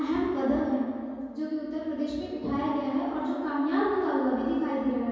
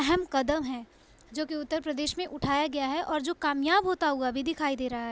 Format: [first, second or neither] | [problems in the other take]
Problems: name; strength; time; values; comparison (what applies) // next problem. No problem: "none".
second | room echo; dies away in 2.2 s